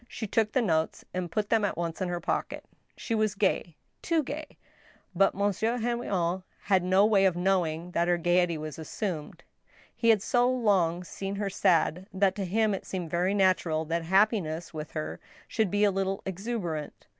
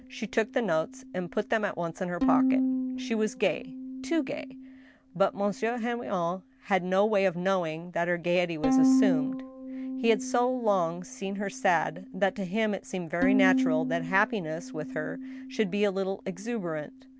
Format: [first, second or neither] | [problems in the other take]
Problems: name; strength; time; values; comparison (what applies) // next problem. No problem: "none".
first | background sound (Bowed string instrument); 3 dB below the speech